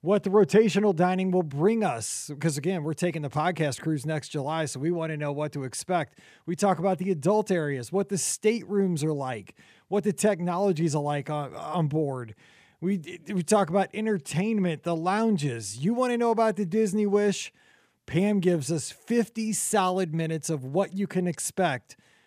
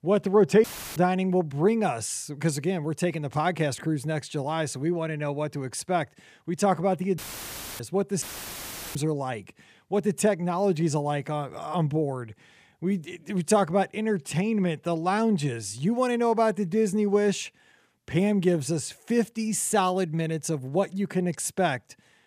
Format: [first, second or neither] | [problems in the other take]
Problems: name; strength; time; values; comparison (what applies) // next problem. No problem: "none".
first | audio cutting out; filled with static; at 0.5 s, at 7 s for 0.5 s and at 8 s for 0.5 s